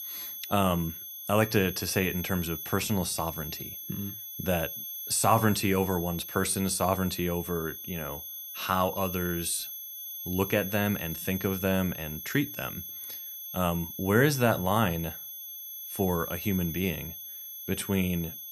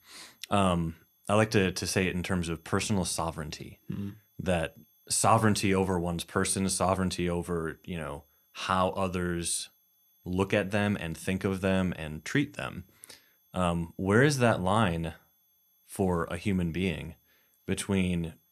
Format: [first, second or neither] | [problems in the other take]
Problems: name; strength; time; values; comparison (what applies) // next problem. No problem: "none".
second | high-pitched whine; loud; throughout; 11.5 kHz, 8 dB below the speech; faint in the second